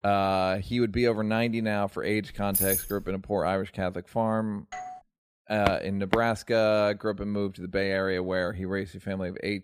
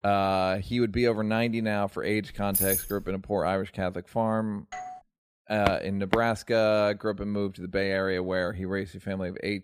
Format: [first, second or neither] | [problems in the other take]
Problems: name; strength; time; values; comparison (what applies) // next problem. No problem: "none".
neither | jangling keys; loud; at 2.5 s; peak 3 dB above the speech; the same in both // doorbell; faint; at 4.5 s; peak 10 dB below the speech; the same in both // footsteps; noticeable; at 5.5 s; peak 3 dB below the speech; the same in both